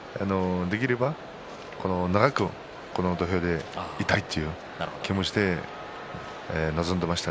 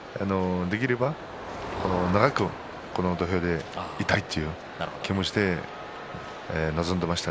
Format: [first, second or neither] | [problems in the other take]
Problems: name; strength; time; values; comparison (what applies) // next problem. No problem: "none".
first | background sound (Motor vehicle (road)); 13 dB below the speech